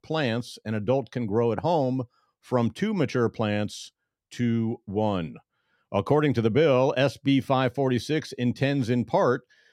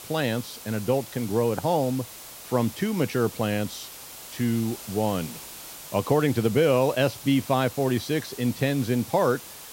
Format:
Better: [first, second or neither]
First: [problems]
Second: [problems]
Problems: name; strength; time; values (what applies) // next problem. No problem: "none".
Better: first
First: none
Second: hiss; noticeable; throughout; 15 dB below the speech